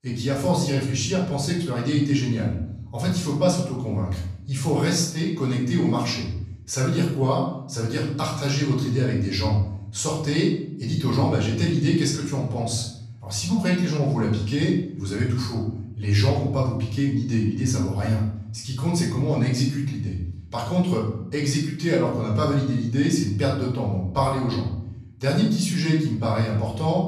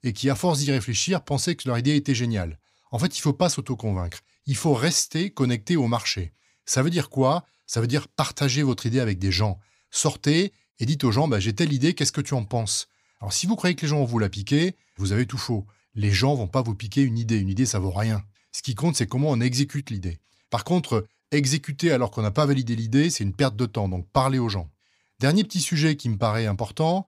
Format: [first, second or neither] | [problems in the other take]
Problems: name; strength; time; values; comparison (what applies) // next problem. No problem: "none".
second | off-mic speech; far // room echo; noticeable; dies away in 0.8 s